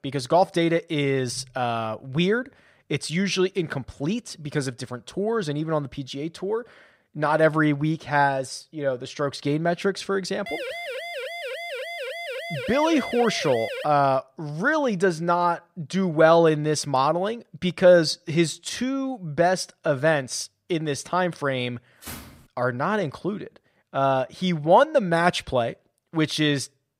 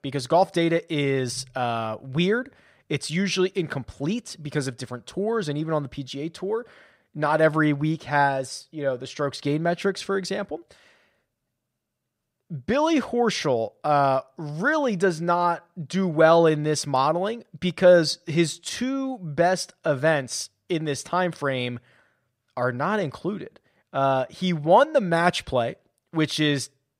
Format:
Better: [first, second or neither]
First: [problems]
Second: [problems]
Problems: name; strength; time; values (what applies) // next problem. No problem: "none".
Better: second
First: siren; noticeable; from 10 to 14 s; peak 7 dB below the speech // footsteps; faint; at 22 s; peak 15 dB below the speech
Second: none